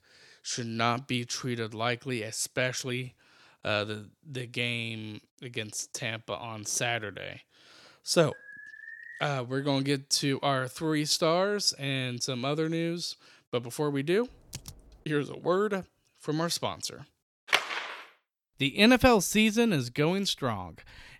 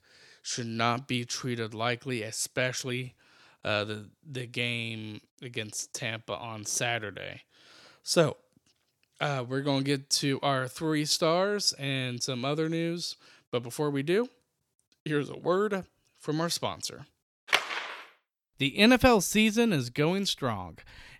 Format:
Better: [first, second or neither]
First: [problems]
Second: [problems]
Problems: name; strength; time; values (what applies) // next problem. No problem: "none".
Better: second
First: alarm; faint; at 8.5 s; peak 15 dB below the speech // keyboard typing; faint; at 14 s; peak 15 dB below the speech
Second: none